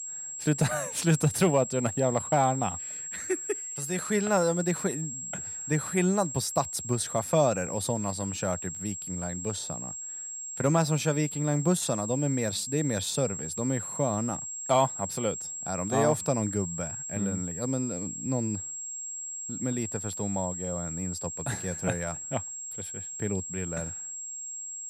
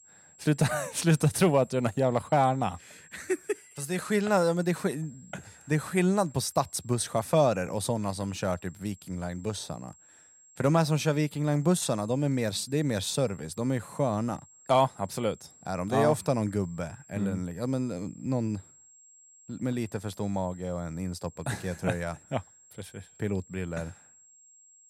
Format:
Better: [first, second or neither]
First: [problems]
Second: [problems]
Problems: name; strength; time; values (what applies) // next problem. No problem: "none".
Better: second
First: high-pitched whine; loud; throughout; 7.5 kHz, 5 dB below the speech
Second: high-pitched whine; faint; throughout; 7.5 kHz, 25 dB below the speech